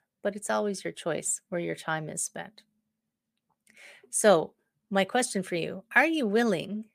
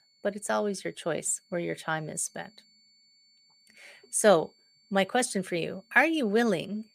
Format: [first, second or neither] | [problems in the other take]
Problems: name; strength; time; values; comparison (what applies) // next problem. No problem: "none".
first | high-pitched whine; faint; throughout; 4.5 kHz, 35 dB below the speech